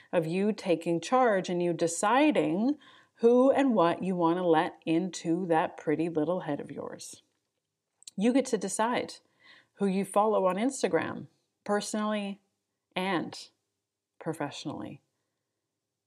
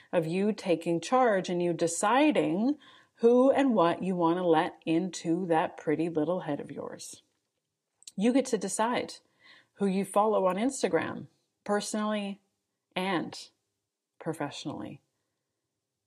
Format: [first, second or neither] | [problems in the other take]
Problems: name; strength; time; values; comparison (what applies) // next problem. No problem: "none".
first | garbled, watery; slightly